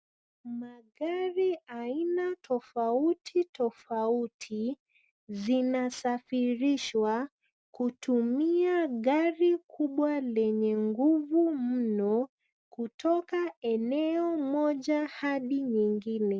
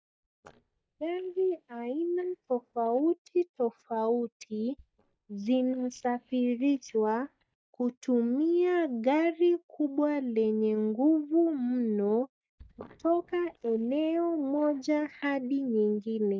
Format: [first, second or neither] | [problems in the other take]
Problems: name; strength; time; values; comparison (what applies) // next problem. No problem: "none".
first | noise reduction (neural mask model DeepFilterNet 3)